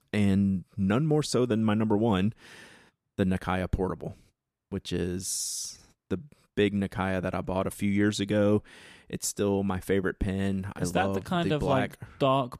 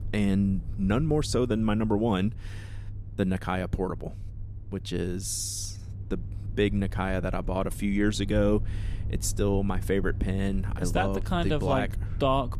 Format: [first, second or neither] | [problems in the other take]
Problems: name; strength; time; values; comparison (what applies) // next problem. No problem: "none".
first | low rumble; faint; throughout; 20 dB below the speech